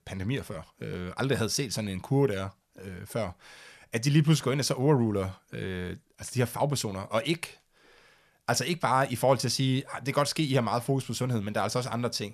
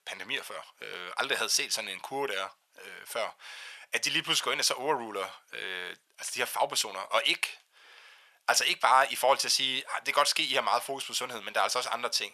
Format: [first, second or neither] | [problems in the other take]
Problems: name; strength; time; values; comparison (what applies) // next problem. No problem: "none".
first | thin; very; fading below 850 Hz